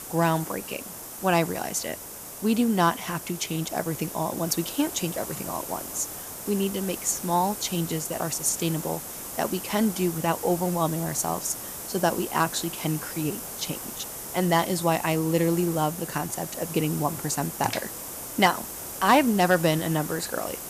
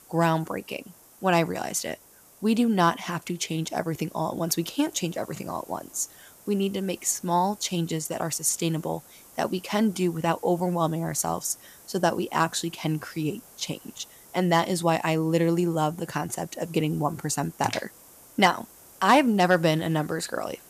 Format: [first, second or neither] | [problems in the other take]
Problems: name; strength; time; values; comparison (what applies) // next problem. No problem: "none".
second | hiss; loud; throughout; 8 dB below the speech; faint in the second